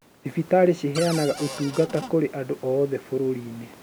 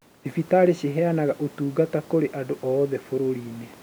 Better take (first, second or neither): second